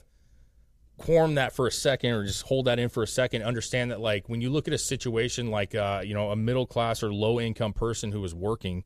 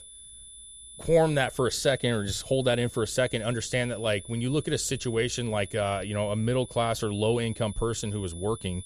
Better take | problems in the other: first | high-pitched whine; noticeable; throughout; 10 kHz, 15 dB below the speech

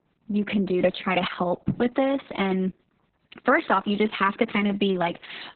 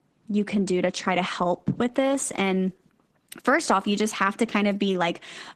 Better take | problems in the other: second | garbled, watery; badly; nothing above 4 kHz; slightly in the second

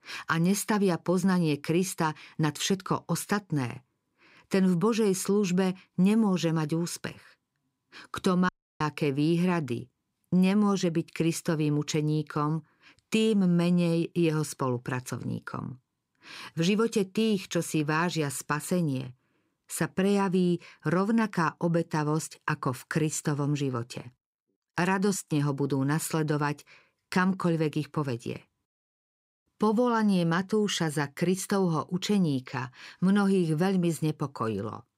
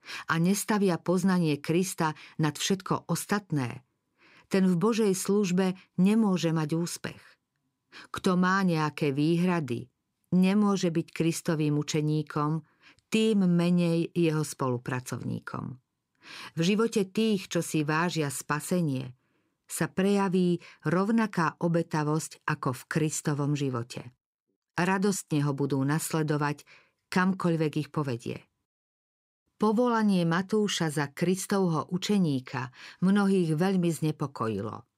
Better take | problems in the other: second | audio cutting out; at 8.5 s

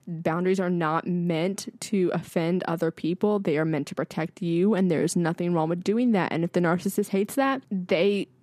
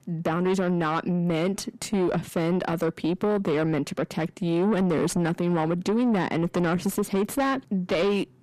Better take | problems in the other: first | distortion; slight; 10 dB below the speech

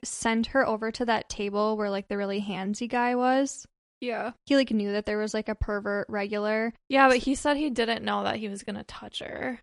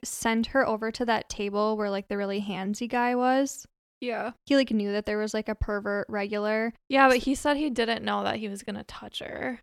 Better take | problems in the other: second | garbled, watery; slightly; nothing above 10.5 kHz

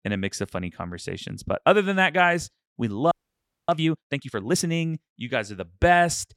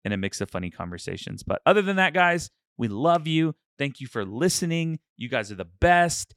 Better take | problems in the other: second | audio freezing; at 3 s for 0.5 s

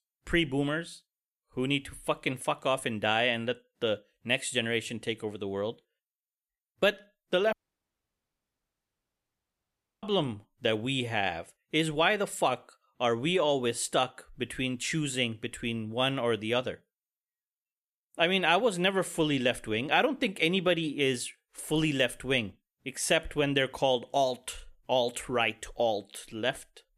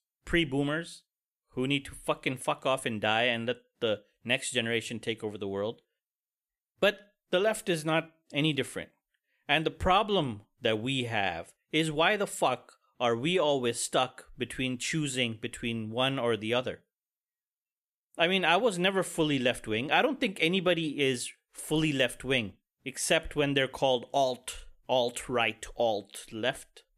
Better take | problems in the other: second | audio cutting out; at 7.5 s for 2.5 s

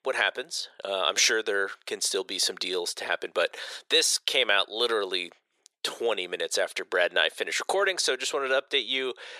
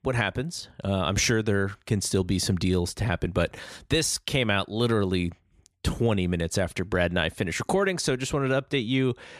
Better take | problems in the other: second | thin; very; fading below 450 Hz

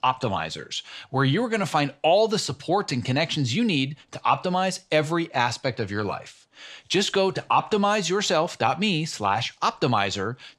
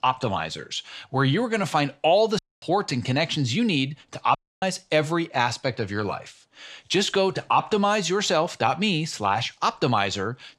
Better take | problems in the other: first | audio cutting out; at 2.5 s and at 4.5 s

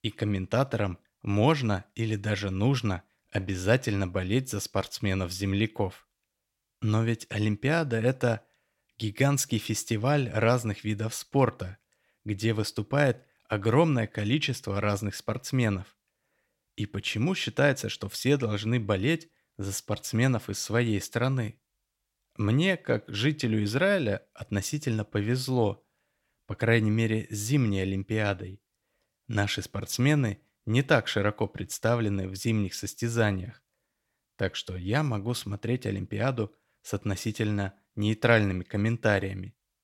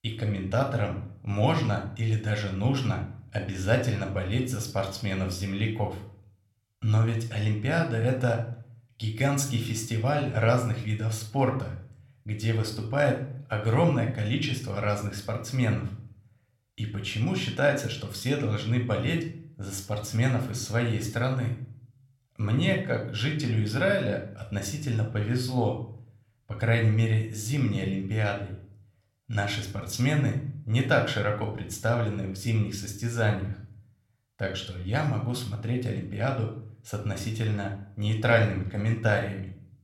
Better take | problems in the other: first | room echo; slight; dies away in 0.4 s

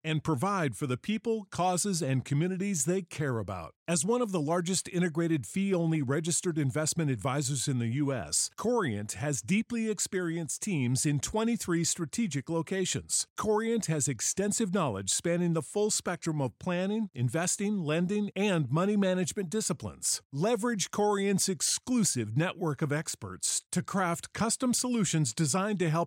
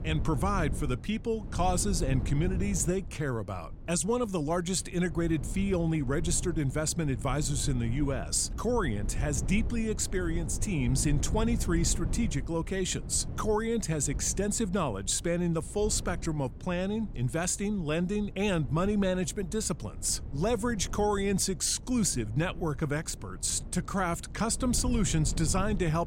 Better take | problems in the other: first | wind noise on the microphone; occasional gusts; 15 dB below the speech

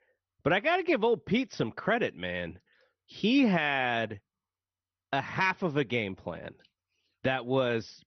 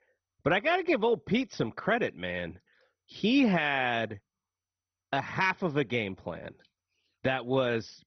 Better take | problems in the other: first | garbled, watery; badly; nothing above 6 kHz; slightly in the first

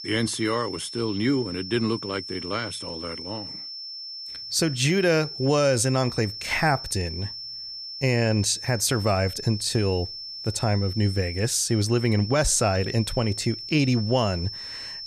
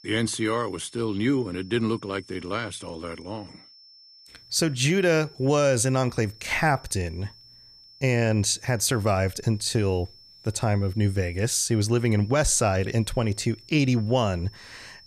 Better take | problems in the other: second | high-pitched whine; loud; throughout; 5.5 kHz, 9 dB below the speech; faint in the second

